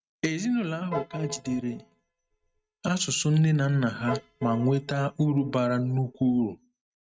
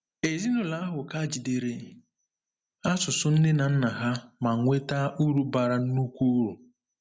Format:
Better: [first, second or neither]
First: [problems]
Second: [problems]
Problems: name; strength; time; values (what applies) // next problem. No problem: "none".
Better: second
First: noise reduction (neural mask model RNNoise)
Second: none